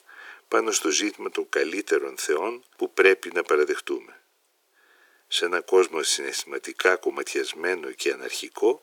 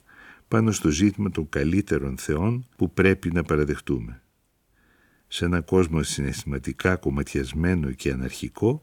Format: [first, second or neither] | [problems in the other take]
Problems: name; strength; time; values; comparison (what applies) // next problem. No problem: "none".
second | thin; very; fading below 400 Hz